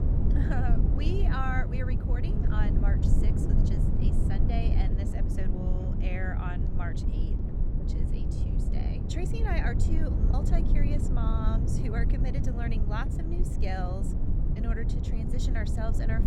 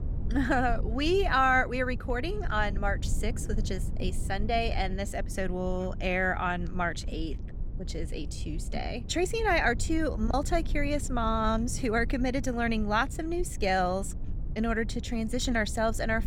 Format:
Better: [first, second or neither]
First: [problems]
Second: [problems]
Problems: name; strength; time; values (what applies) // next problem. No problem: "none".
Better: second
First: low rumble; loud; throughout; 2 dB below the speech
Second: low rumble; faint; throughout; 20 dB below the speech